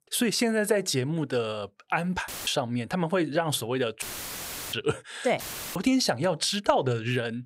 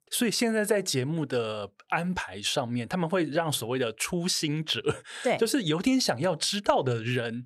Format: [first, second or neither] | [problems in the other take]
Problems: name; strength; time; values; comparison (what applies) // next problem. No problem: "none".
second | audio cutting out; filled with static; at 2.5 s, at 4 s for 0.5 s and at 5.5 s